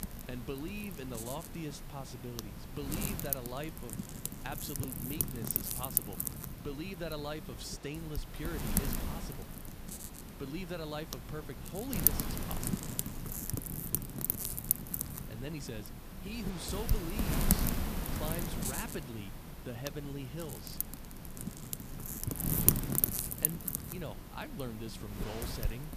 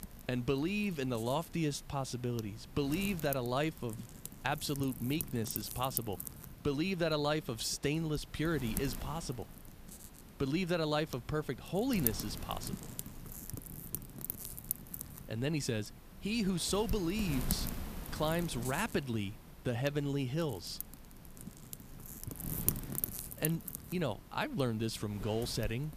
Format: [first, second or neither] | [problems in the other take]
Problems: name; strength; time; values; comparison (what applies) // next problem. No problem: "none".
second | wind noise on the microphone; heavy; 3 dB above the speech; occasional gusts in the second